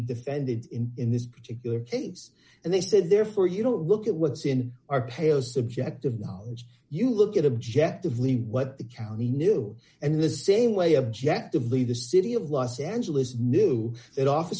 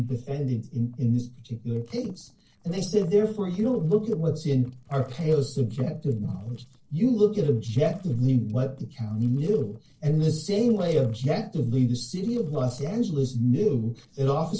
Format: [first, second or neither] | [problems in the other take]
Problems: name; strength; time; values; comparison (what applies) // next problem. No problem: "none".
first | noise reduction (neural separator model SepFormer DNS4)